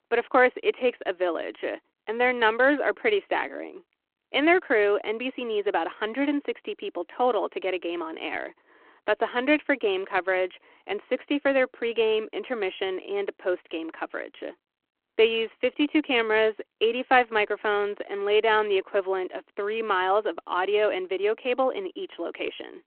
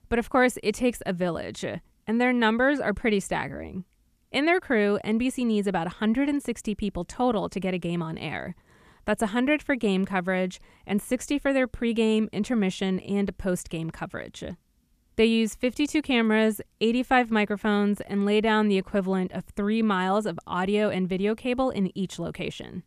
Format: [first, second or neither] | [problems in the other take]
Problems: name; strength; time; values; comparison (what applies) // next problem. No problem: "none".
second | phone-call audio